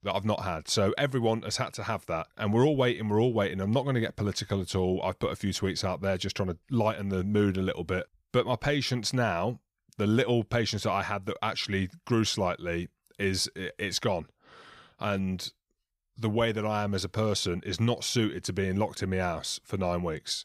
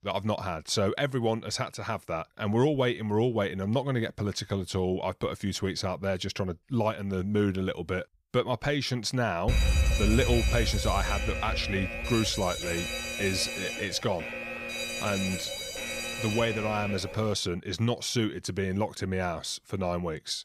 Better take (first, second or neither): first